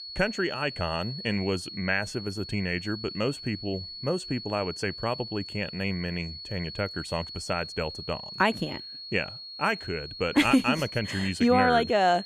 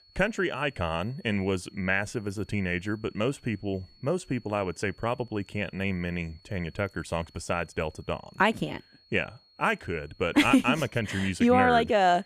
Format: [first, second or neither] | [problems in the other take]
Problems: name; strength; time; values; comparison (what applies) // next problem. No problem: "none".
second | high-pitched whine; loud; throughout; 4.5 kHz, 10 dB below the speech; faint in the second